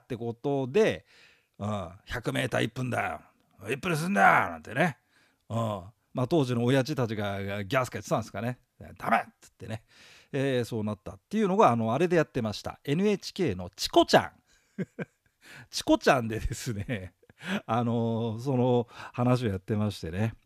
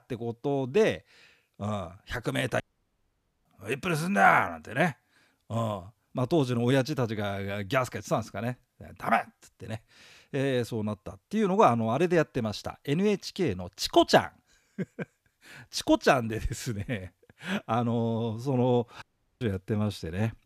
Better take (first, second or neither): first